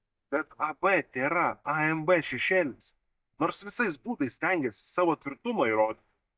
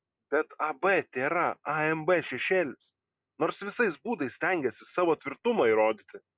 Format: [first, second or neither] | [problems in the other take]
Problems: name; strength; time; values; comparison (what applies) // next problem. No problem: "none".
second | noise reduction (neural mask model DeepFilterNet 3)